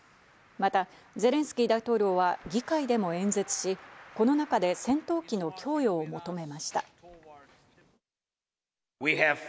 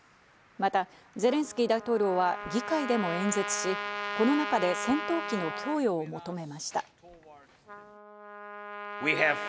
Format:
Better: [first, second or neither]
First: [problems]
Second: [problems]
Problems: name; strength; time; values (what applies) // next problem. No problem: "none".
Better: first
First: none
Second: background sound (Trumpet); 8 dB below the speech